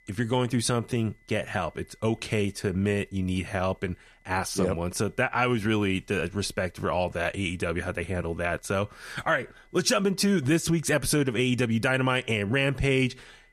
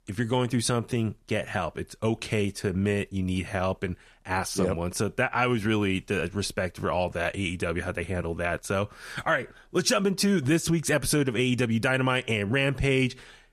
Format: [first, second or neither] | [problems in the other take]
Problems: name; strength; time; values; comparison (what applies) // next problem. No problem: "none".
second | high-pitched whine; faint; throughout; 2 kHz, 35 dB below the speech